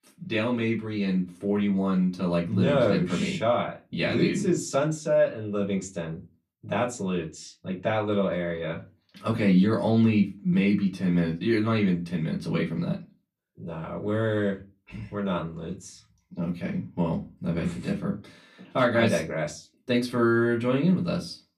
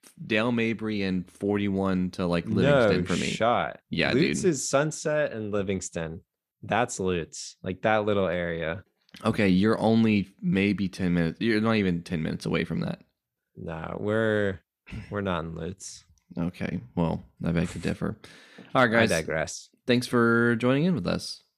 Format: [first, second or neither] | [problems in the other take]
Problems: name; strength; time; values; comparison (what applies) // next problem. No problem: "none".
second | off-mic speech; far // room echo; very slight; dies away in 0.2 s